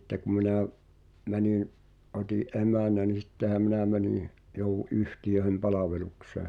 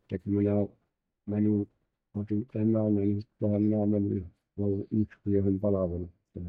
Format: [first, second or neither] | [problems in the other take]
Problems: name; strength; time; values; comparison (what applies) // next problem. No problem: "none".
first | noise reduction (neural mask model DeepFilterNet 3)